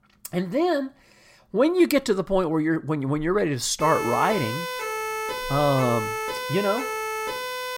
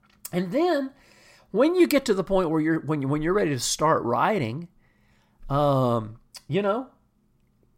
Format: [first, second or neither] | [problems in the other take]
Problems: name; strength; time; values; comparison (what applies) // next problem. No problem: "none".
second | siren; noticeable; from 4 s on; peak 4 dB below the speech